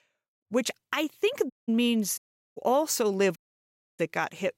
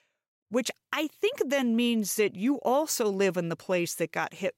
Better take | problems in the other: second | audio cutting out; at 1.5 s, at 2 s and at 3.5 s for 0.5 s

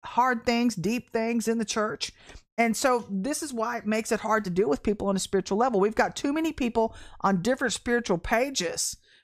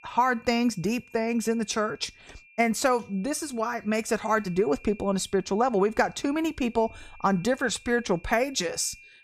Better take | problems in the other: first | high-pitched whine; faint; throughout; 2.5 kHz, 25 dB below the speech

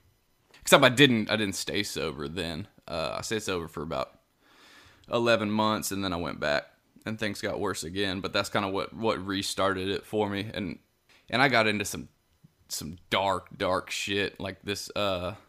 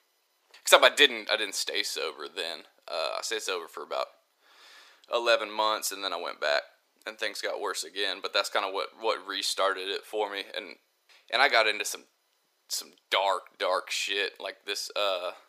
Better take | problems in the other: first | thin; very; fading below 450 Hz

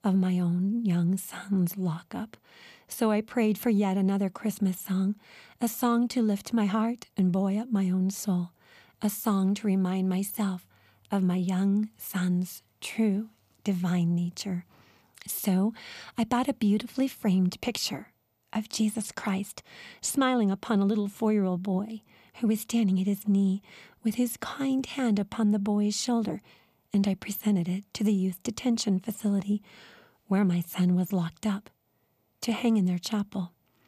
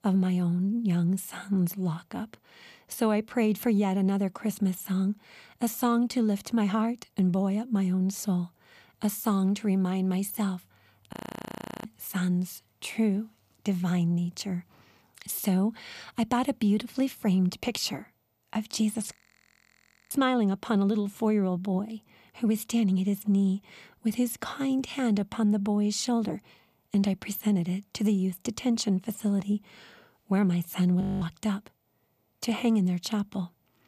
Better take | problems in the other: first | audio freezing; at 11 s for 0.5 s, at 19 s for 1 s and at 31 s

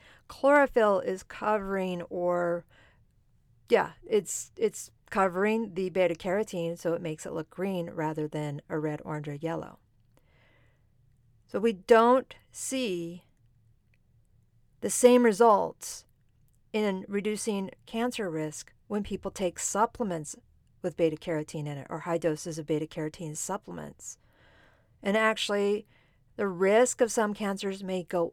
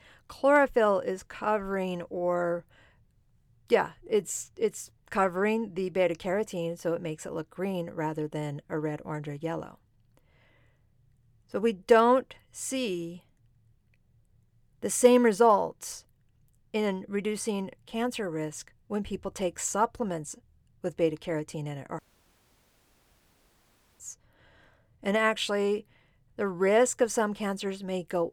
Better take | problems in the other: first | audio cutting out; at 22 s for 2 s

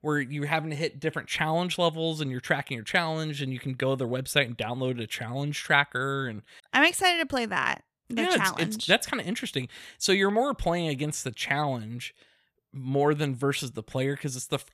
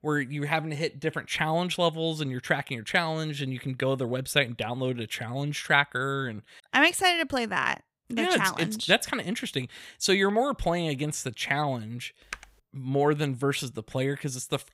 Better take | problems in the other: first | keyboard typing; faint; at 12 s; peak 15 dB below the speech

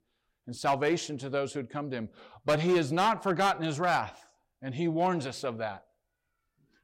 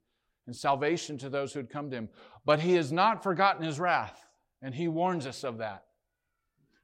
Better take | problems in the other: second | distortion; slight; 3% of the sound clipped

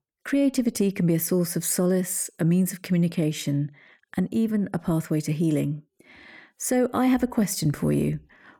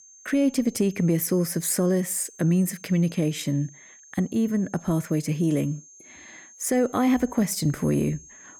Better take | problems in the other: first | high-pitched whine; faint; throughout; 6.5 kHz, 20 dB below the speech

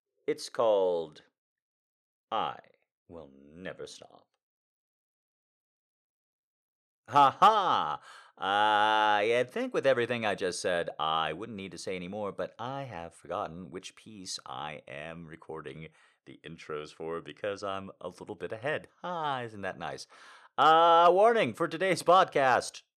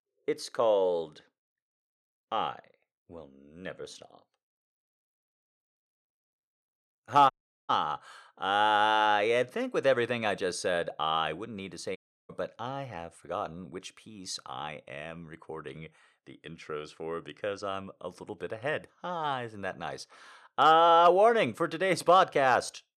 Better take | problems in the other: first | audio cutting out; at 7.5 s and at 12 s

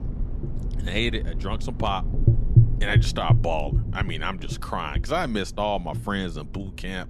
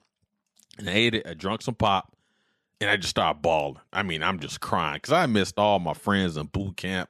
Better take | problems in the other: second | low rumble; noticeable; throughout; 10 dB below the speech

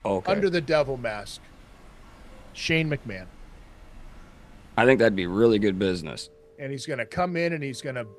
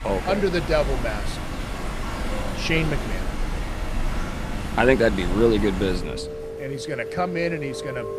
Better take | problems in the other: first | rain or running water; loud; throughout; 7 dB below the speech; faint in the first

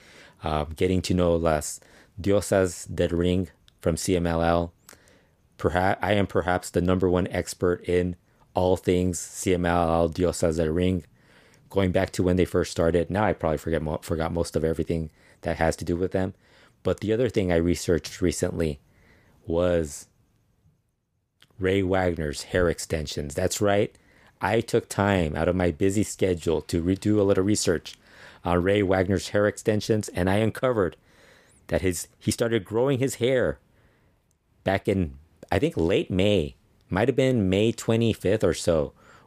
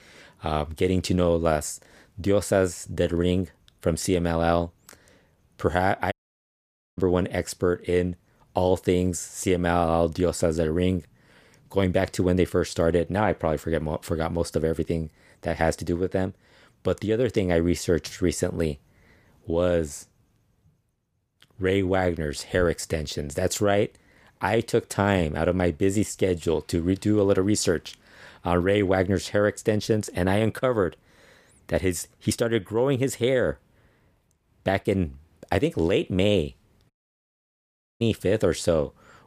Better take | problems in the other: first | audio cutting out; at 6 s for 1 s and at 37 s for 1 s

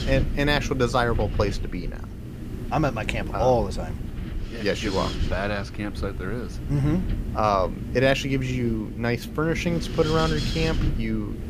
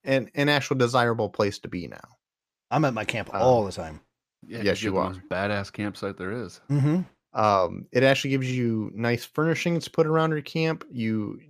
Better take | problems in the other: second | wind noise on the microphone; occasional gusts; 10 dB below the speech

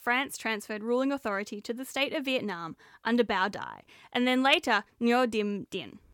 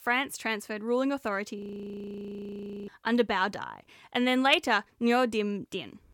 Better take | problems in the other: first | audio freezing; at 1.5 s for 1.5 s

